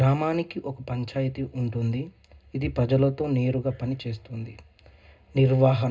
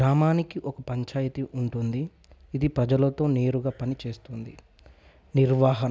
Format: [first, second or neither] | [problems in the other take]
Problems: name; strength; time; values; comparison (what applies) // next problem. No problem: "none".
second | room echo; dies away in 0.2 s